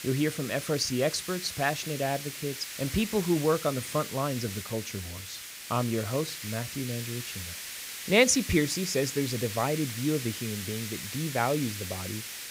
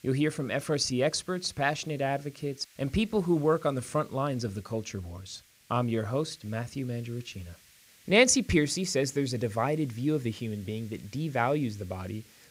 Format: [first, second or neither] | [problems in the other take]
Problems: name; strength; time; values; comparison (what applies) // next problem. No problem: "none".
second | hiss; loud; throughout; 7 dB below the speech; faint in the second